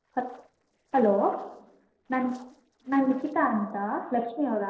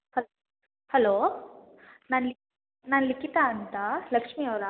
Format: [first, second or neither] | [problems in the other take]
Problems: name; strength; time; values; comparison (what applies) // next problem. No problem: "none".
second | noise reduction (neural separator model SepFormer DNS4)